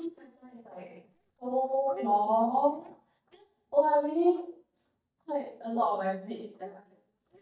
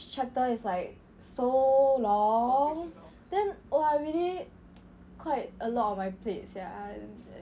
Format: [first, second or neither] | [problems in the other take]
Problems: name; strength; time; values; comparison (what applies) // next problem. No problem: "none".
second | noise reduction (neural mask model DeepFilterNet 3)